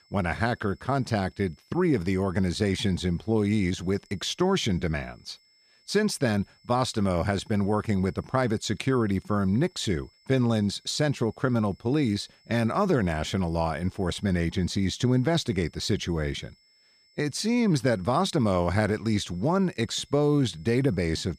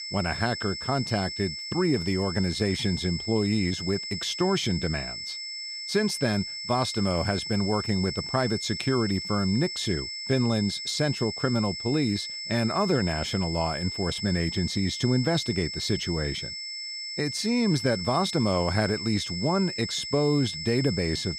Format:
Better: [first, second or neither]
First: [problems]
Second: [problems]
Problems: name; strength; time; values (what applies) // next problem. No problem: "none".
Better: first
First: high-pitched whine; faint; throughout; 5.5 kHz, 35 dB below the speech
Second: high-pitched whine; loud; throughout; 5.5 kHz, 5 dB below the speech